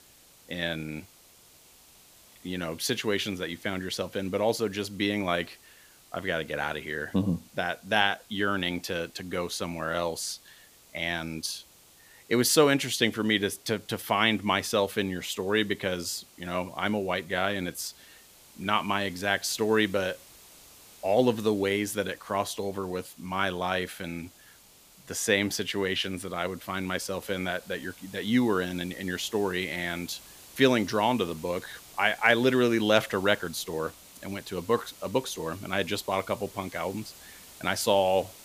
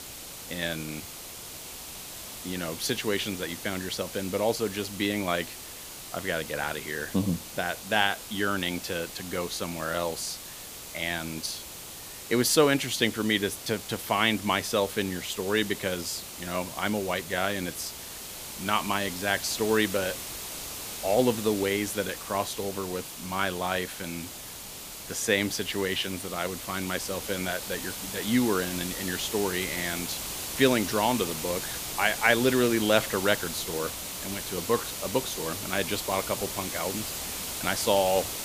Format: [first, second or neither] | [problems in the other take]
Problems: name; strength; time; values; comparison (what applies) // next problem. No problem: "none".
first | hiss; loud; throughout; 7 dB below the speech; faint in the first